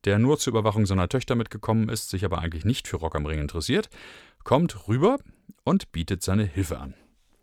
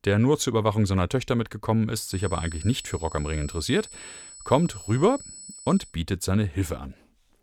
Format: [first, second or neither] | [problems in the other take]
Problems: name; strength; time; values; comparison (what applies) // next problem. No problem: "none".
first | high-pitched whine; noticeable; from 2 to 6 s; 8 kHz, 15 dB below the speech